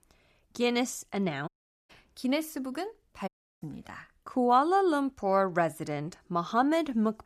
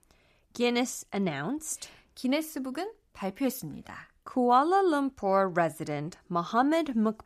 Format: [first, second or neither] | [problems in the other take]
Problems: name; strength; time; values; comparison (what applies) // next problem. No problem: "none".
second | audio cutting out; at 1.5 s and at 3.5 s